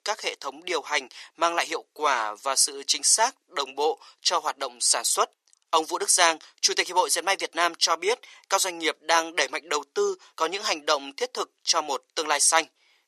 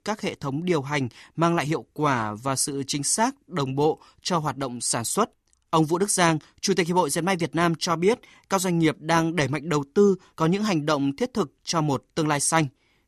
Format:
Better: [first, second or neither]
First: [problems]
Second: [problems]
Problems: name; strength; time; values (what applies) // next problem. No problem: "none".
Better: second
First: thin; very; fading below 450 Hz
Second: none